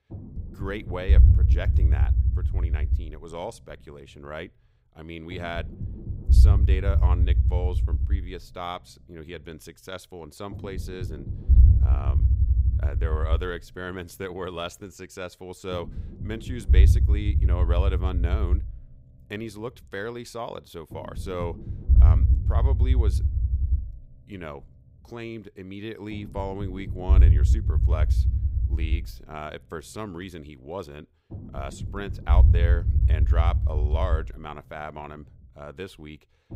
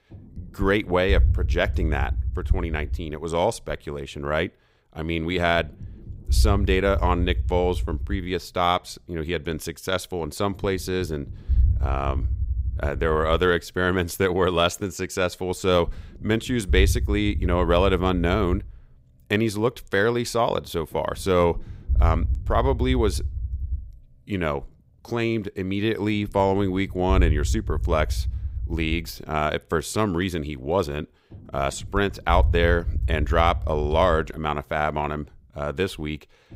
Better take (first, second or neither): second